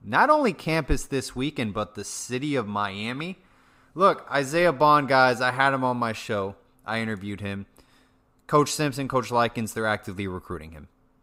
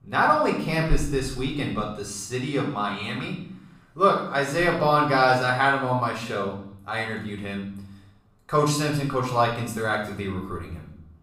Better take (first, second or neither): first